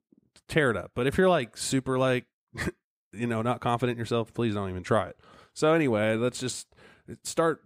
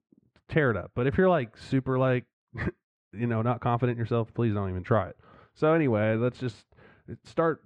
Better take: first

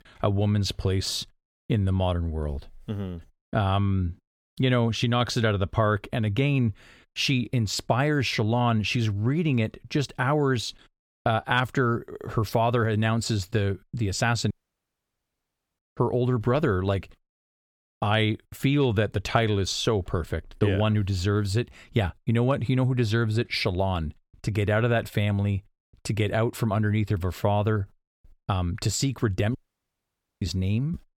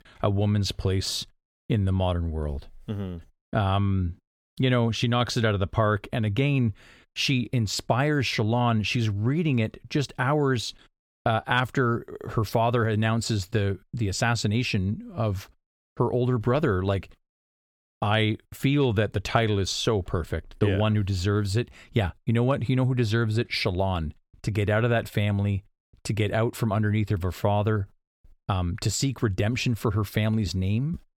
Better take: second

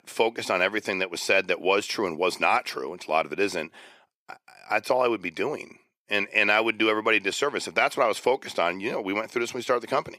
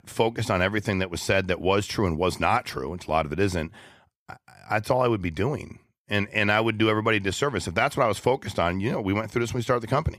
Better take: second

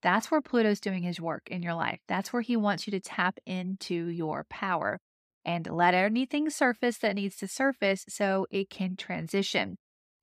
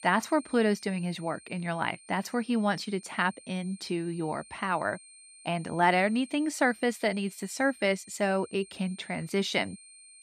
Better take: first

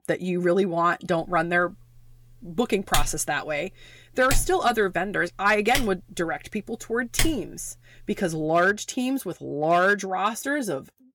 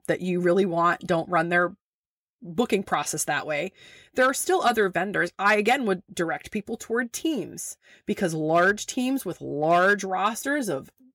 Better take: second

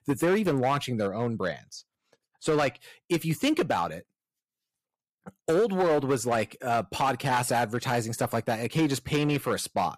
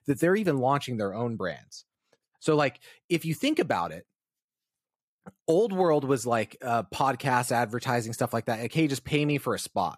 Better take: second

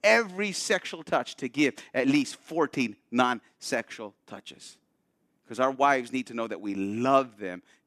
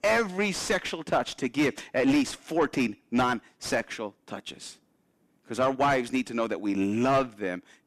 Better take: first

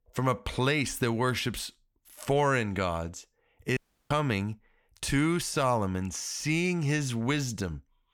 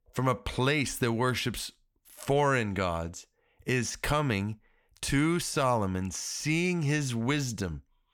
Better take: second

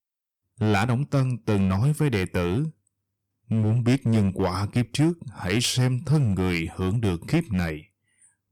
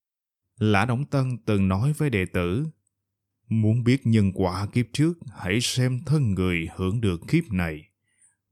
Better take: second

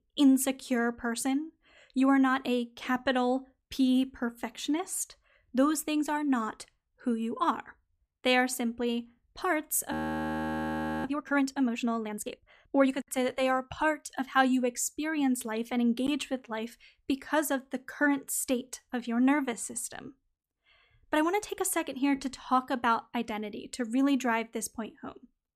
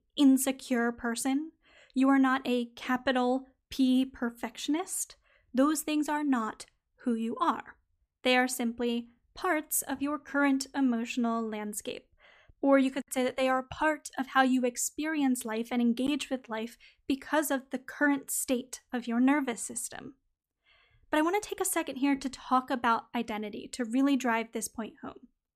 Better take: second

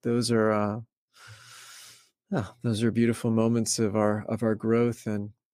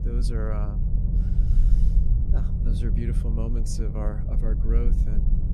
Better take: first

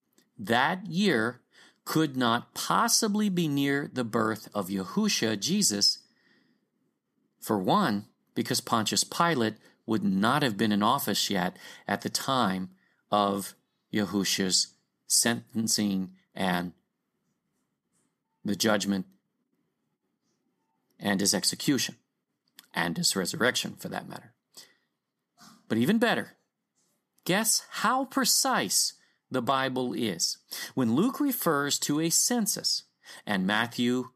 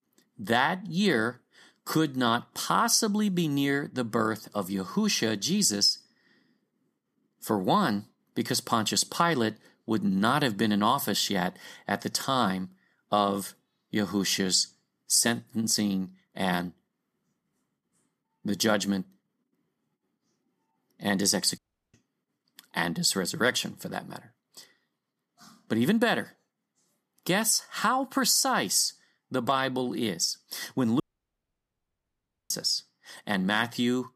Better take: first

